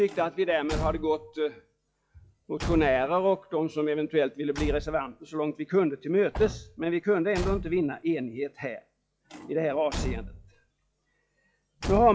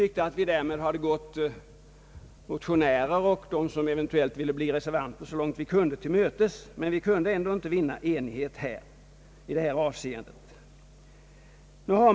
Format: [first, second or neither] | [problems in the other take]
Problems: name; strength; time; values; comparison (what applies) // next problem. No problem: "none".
second | noise reduction (classical method log-MMSE)